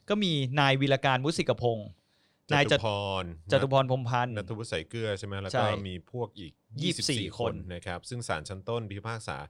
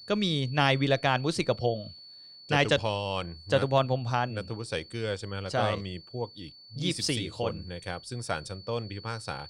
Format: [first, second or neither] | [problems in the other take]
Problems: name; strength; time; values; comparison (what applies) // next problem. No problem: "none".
first | high-pitched whine; noticeable; throughout; 4.5 kHz, 20 dB below the speech